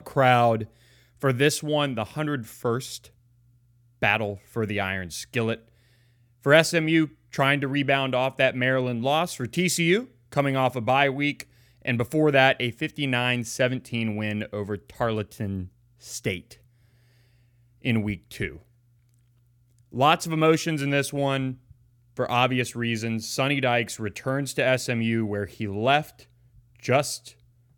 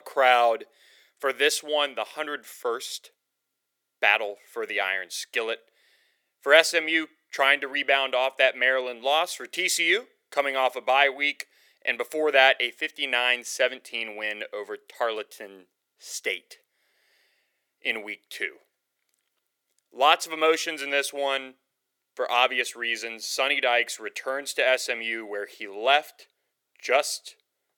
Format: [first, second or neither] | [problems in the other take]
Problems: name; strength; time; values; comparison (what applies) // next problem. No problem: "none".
first | thin; very; fading below 400 Hz